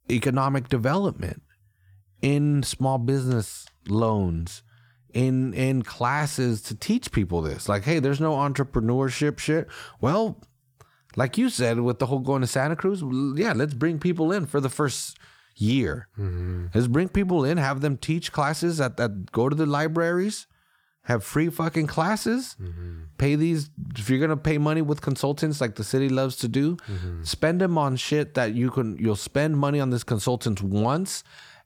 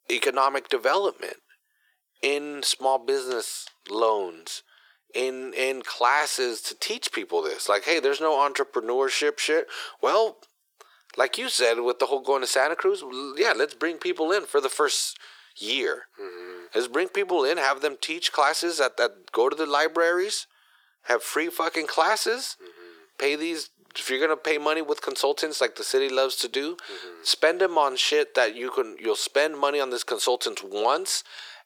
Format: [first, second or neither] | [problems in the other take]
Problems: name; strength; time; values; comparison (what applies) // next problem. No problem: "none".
first | thin; very; fading below 400 Hz